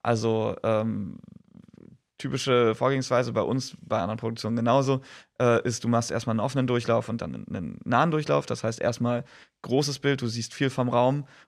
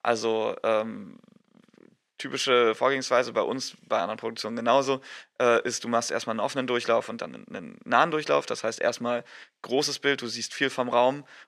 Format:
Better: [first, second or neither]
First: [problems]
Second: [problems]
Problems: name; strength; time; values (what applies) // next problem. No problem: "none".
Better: first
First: none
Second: thin; somewhat; fading below 350 Hz